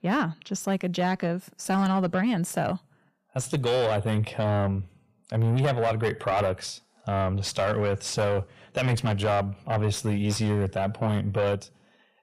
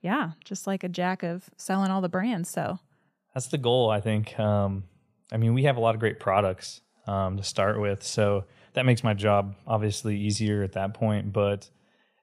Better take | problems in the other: second | distortion; heavy; 8 dB below the speech

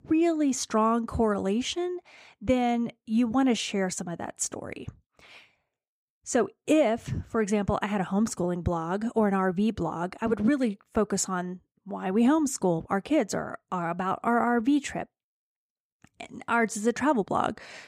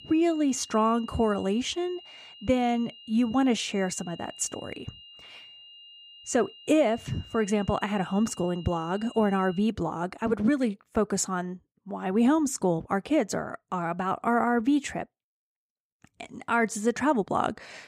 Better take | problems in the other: first | high-pitched whine; noticeable; until 9.5 s; 3 kHz, 20 dB below the speech

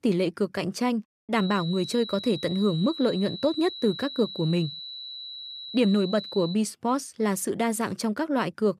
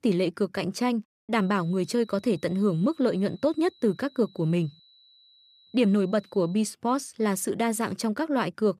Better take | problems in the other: second | high-pitched whine; loud; from 1.5 to 6.5 s; 4 kHz, 10 dB below the speech; faint in the second

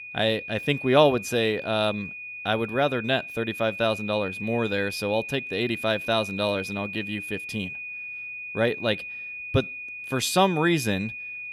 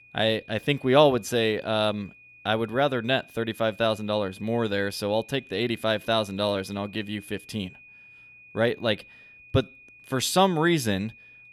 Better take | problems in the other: second | high-pitched whine; loud; throughout; 2.5 kHz, 8 dB below the speech; faint in the second

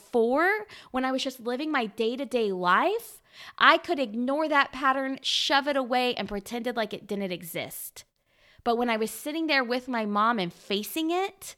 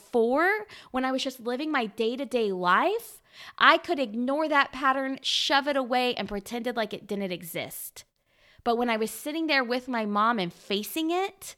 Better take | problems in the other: neither | none

